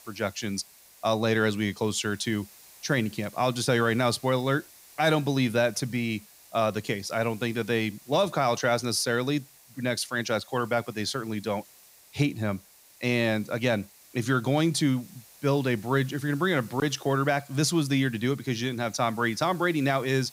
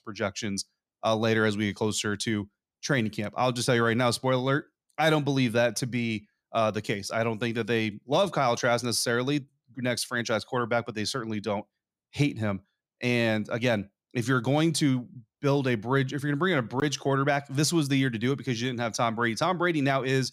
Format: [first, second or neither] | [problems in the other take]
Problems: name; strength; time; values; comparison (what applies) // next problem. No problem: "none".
second | hiss; faint; throughout; 25 dB below the speech